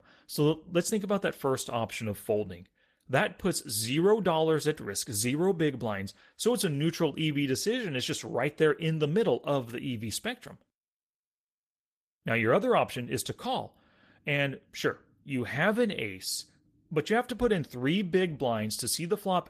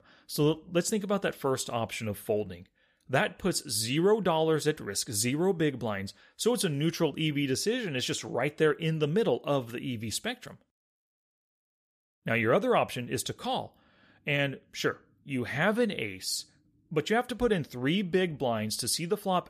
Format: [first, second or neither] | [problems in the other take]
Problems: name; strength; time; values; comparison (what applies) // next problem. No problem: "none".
second | garbled, watery; slightly; nothing above 14.5 kHz